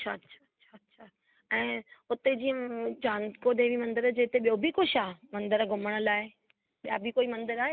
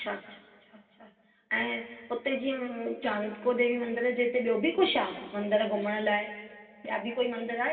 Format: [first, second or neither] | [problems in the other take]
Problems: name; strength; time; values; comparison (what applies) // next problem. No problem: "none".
first | room echo; dies away in 2.2 s